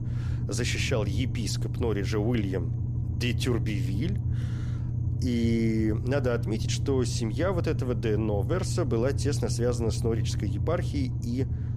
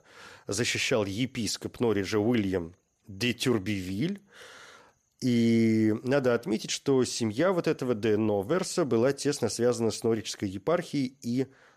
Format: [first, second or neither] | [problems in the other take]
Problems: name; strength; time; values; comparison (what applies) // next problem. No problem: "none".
second | low rumble; noticeable; throughout; 10 dB below the speech